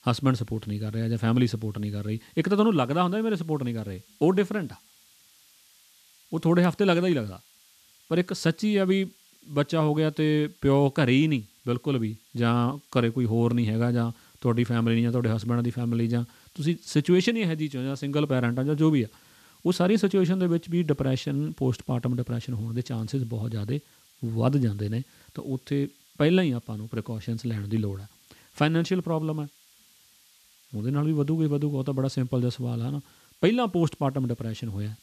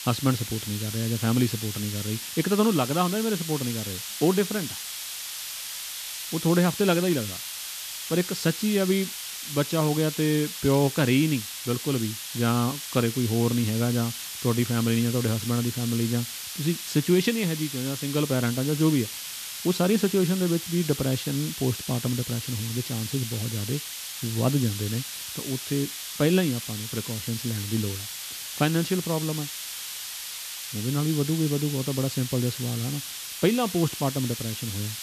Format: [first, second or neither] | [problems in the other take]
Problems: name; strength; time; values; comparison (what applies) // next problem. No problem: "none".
first | hiss; loud; throughout; 6 dB below the speech; faint in the first